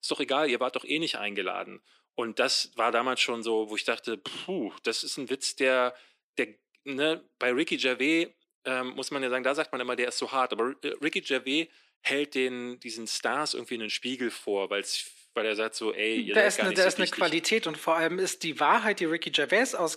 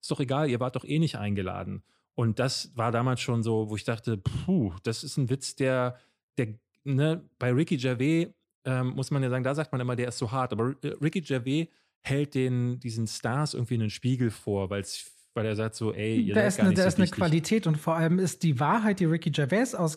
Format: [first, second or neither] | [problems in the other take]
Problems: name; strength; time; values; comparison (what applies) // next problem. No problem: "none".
second | thin; somewhat; fading below 300 Hz